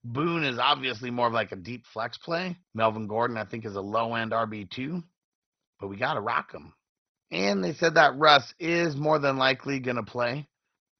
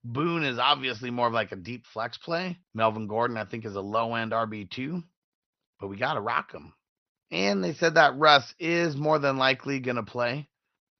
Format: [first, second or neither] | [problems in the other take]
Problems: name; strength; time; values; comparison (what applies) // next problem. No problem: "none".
second | garbled, watery; badly; nothing above 6 kHz; slightly in the second